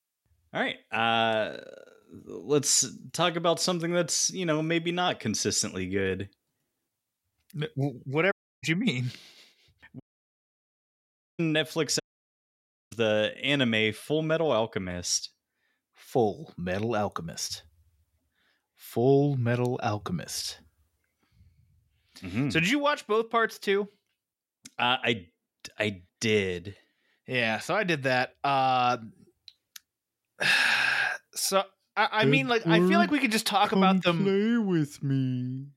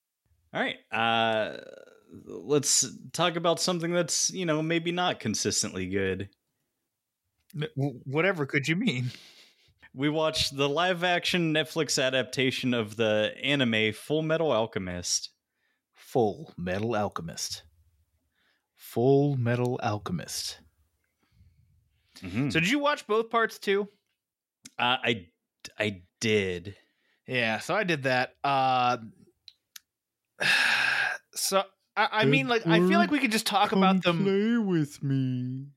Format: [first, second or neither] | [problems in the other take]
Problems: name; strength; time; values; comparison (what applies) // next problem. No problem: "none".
second | audio cutting out; at 8.5 s, at 10 s for 1.5 s and at 12 s for 1 s